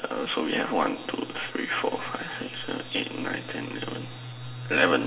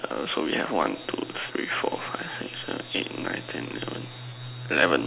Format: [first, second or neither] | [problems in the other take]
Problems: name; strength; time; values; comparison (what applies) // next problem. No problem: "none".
second | room echo; dies away in 1.3 s